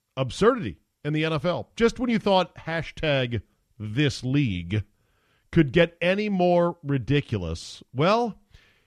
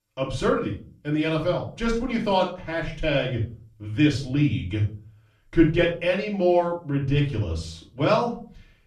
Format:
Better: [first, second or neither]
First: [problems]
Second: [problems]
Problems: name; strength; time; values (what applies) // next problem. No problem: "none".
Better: first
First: none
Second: off-mic speech; far // room echo; slight; dies away in 0.3 s